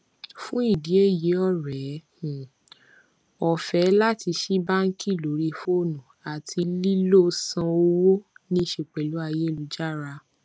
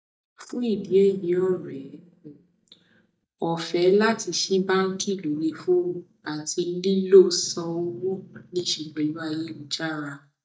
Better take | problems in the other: first | noise reduction (neural mask model DeepFilterNet 3)

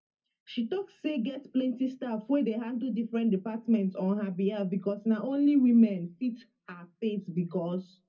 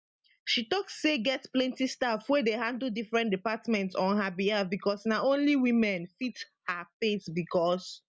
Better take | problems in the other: second | room echo; dies away in 0.4 s

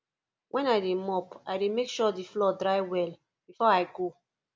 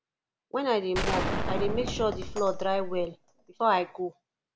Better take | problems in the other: first | background sound (Gunshot, gunfire); 2 dB below the speech

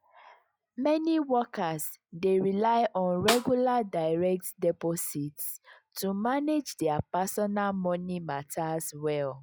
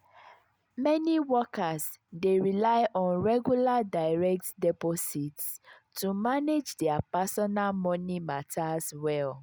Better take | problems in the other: second | noise reduction (classical method log-MMSE)

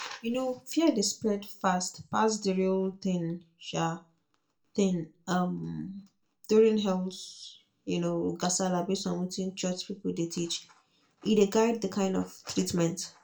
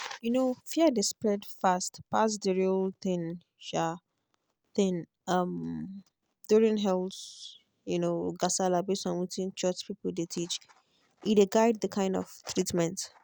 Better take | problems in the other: second | room echo; dies away in 0.2 s

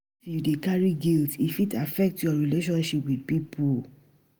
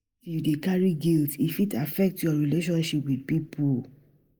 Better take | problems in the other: first | noise reduction (neural mask model Resemble Enhance denoiser)

